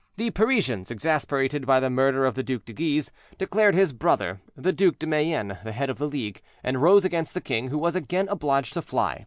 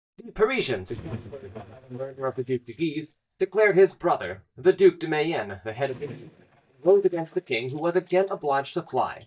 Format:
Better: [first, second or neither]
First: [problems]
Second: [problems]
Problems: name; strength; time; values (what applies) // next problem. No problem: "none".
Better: first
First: none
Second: noise reduction (neural mask model DeepFilterNet 3)